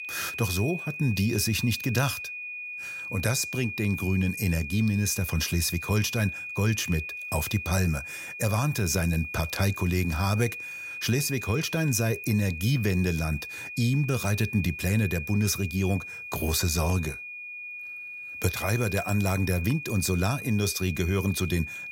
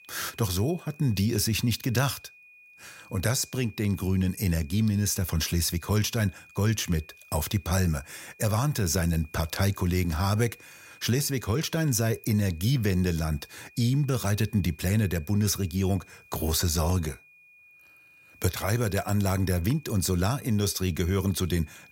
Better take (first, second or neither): second